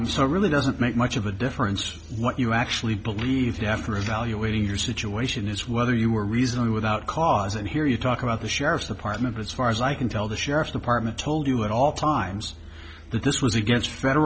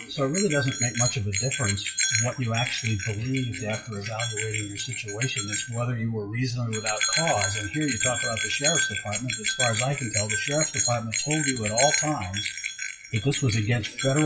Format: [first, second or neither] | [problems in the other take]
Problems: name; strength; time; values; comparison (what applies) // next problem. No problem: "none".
first | noise reduction (classical method WPE with log-MMSE)